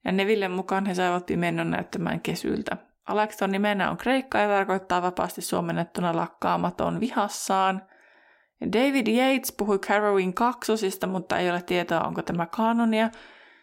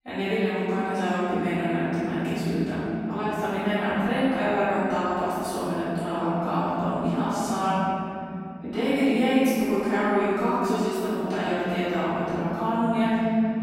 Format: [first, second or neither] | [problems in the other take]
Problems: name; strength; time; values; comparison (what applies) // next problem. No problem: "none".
first | room echo; strong; dies away in 3 s // off-mic speech; far